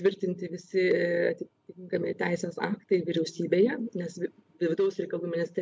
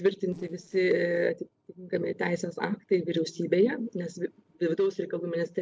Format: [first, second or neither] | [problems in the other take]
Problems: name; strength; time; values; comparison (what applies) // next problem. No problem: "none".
first | noise reduction (neural separator model SepFormer DNS4)